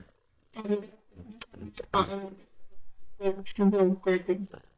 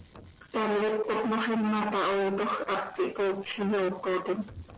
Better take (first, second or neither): second